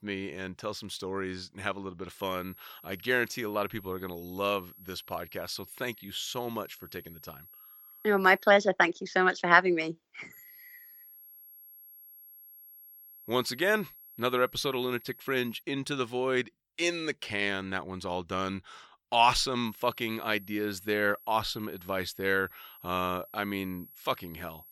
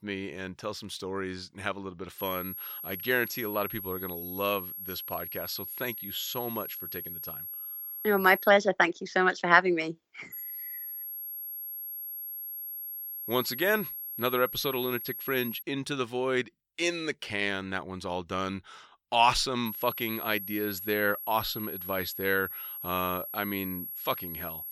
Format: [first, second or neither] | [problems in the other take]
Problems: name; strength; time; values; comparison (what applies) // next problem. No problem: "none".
first | high-pitched whine; loud; from 2 to 8.5 s, from 10 to 16 s and from 20 s on; 11.5 kHz, 7 dB below the speech; faint in the first